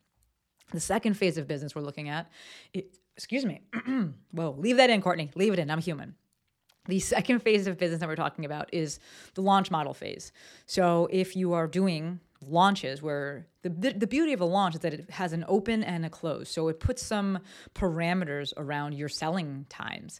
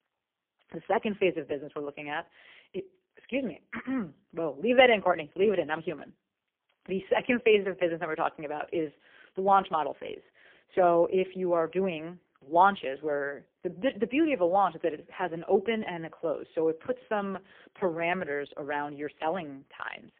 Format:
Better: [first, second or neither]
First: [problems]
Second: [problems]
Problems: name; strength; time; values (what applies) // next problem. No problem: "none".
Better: first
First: none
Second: phone-call audio; poor line; nothing above 3 kHz